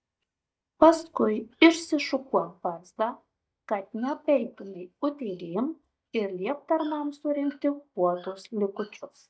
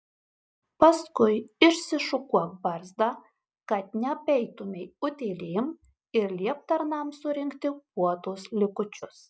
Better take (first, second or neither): second